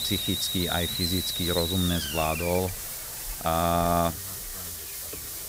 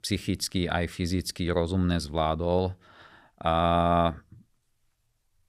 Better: second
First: hiss; loud; throughout; 2 dB below the speech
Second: none

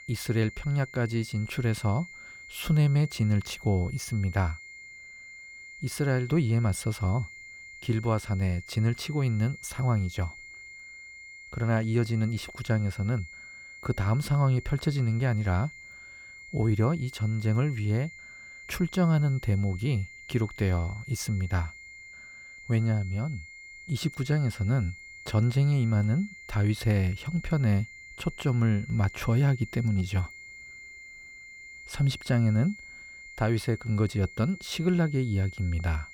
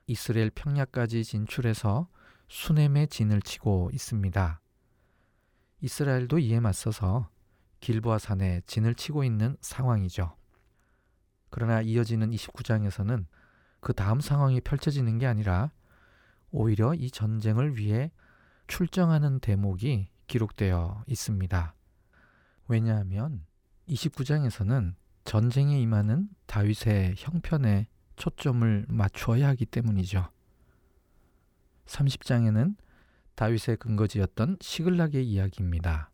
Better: second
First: high-pitched whine; noticeable; throughout; 2 kHz, 15 dB below the speech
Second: none

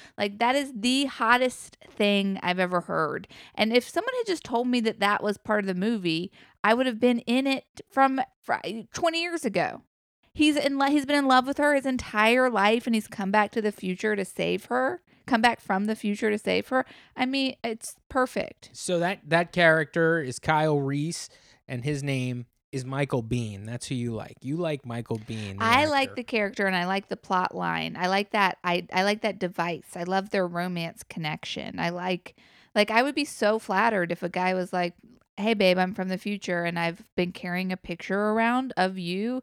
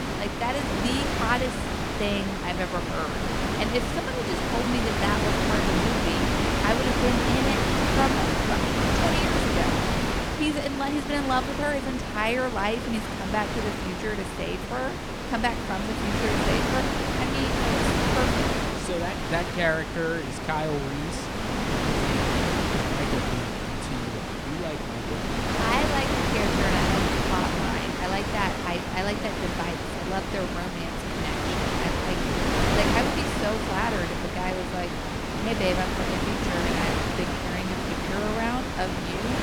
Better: first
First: none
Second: wind noise on the microphone; heavy; 2 dB above the speech

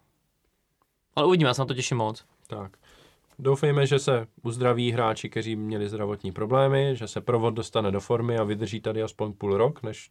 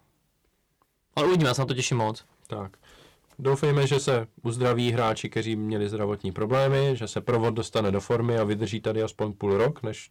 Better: first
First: none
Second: distortion; slight; 7% of the sound clipped

